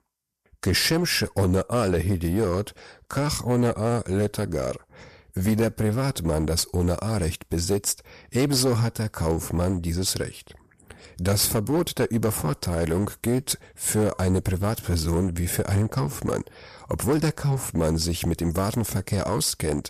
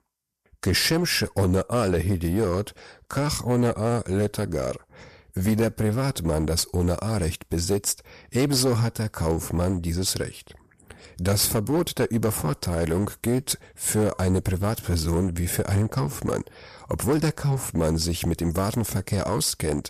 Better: neither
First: distortion; slight; 8% of the sound clipped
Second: distortion; slight; 8% of the sound clipped

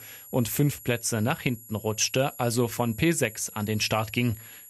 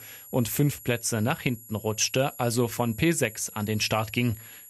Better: neither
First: high-pitched whine; noticeable; throughout; 11.5 kHz, 15 dB below the speech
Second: high-pitched whine; noticeable; throughout; 11.5 kHz, 15 dB below the speech

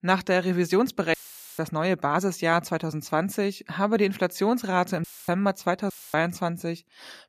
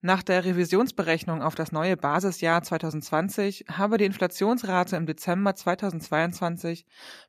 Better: second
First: audio cutting out; filled with static; at 1 s, at 5 s and at 6 s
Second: none

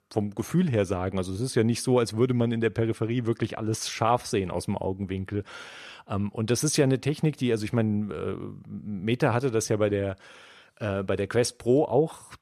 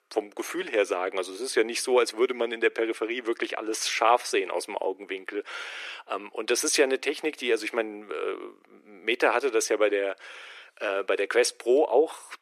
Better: first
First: none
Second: thin; very; fading below 350 Hz

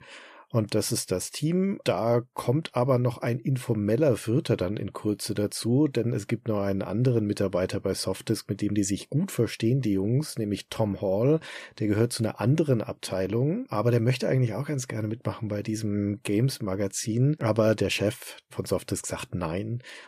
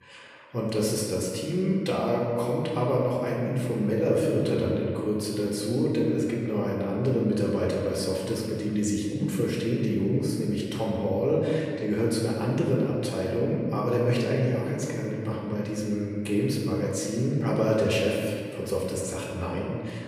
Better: first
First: none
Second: room echo; noticeable; dies away in 1.9 s // off-mic speech; far

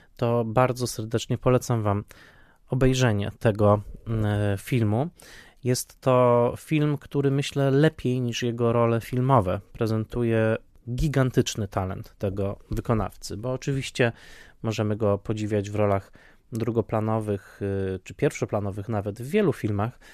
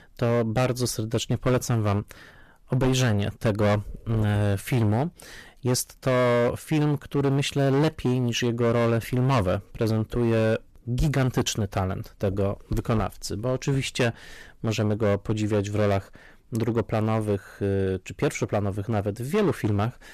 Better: first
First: none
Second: distortion; heavy; 11% of the sound clipped

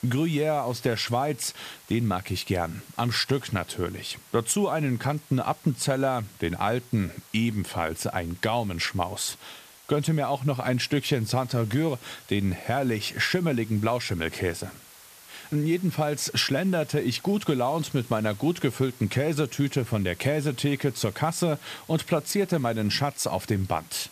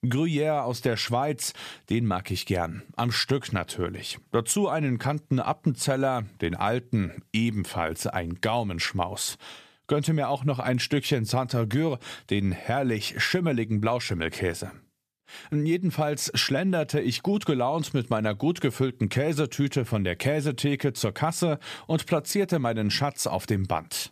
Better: second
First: hiss; faint; throughout; 20 dB below the speech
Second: none

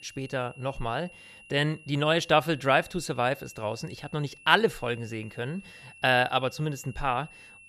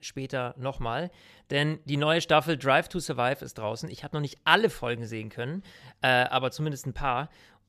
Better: second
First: high-pitched whine; faint; throughout; 2.5 kHz, 20 dB below the speech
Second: none

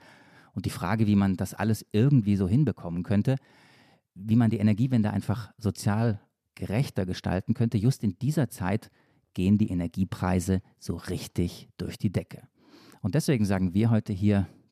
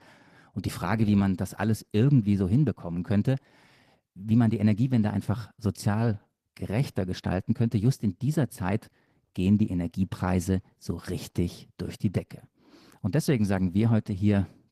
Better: first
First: none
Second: garbled, watery; slightly; nothing above 14.5 kHz

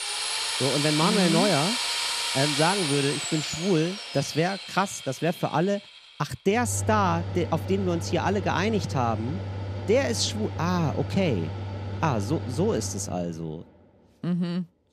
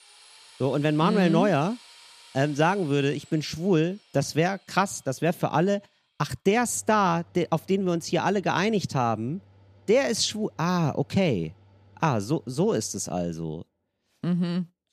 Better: second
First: machinery noise; loud; throughout; 3 dB below the speech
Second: machinery noise; faint; throughout; 25 dB below the speech

